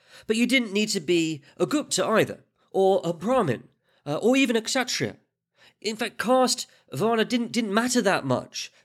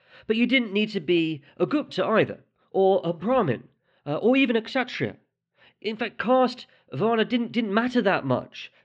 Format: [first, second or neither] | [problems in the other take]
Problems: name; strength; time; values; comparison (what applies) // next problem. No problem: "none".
first | muffled; slightly; fading above 3 kHz